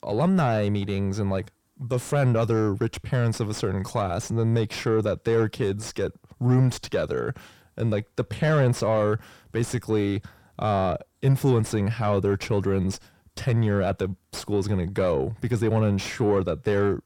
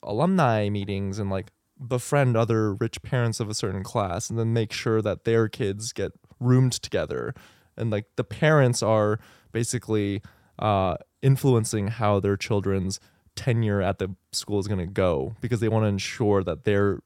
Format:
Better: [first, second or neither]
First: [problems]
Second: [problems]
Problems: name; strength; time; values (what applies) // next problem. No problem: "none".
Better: second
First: distortion; slight; 10 dB below the speech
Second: none